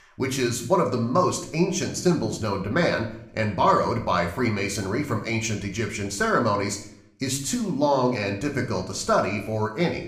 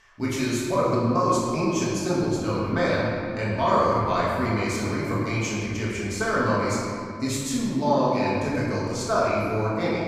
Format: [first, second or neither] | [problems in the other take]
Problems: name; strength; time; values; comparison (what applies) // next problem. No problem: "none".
first | room echo; strong; dies away in 2 s; slight in the first // off-mic speech; far